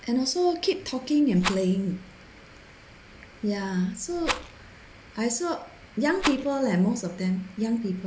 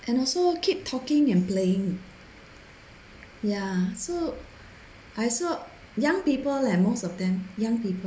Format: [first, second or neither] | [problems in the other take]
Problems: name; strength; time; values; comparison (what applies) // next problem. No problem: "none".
second | background sound (Rattle); 7 dB below the speech